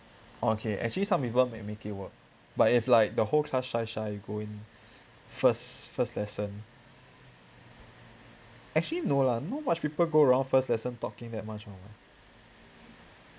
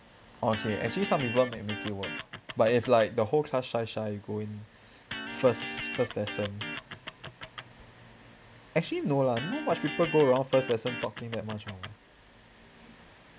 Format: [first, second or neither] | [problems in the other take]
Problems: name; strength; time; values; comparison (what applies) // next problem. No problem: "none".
first | background sound (Electric guitar); 9 dB below the speech